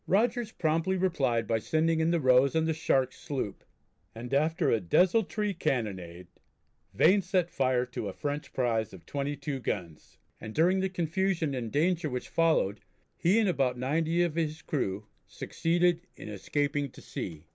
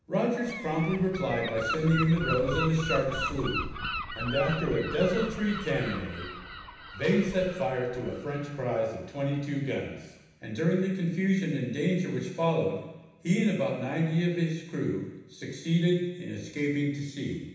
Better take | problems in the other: first | background sound (Gull, seagull); 11 dB below the speech // room echo; dies away in 1.1 s

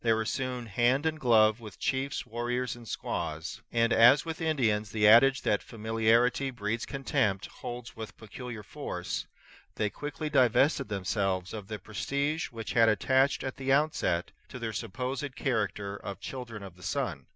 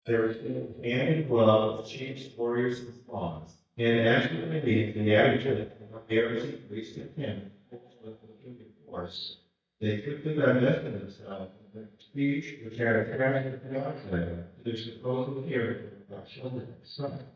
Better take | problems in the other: first | noise reduction (neural mask model DeepFilterNet 3)

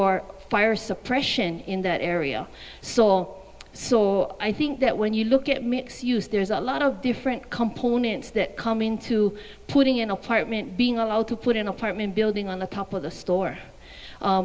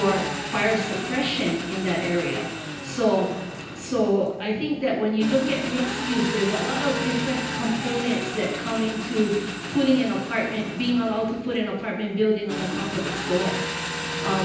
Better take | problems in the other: first | background sound (Engine); 6 dB below the speech // room echo; dies away in 0.9 s

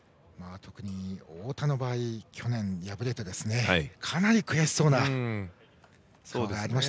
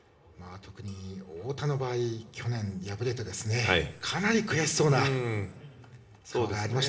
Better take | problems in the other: first | room echo; dies away in 2.6 s

